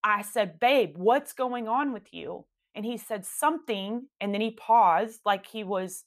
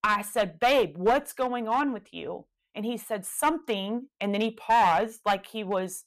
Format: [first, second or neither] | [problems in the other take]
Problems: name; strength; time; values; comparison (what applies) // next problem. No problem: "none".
first | distortion; slight; 4% of the sound clipped